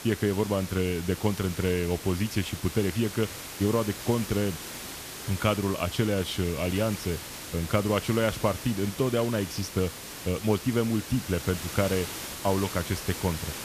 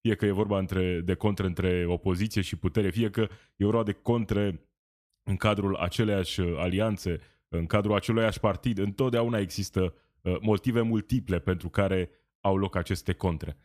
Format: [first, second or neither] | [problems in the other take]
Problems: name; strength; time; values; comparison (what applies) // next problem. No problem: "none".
second | hiss; loud; throughout; 9 dB below the speech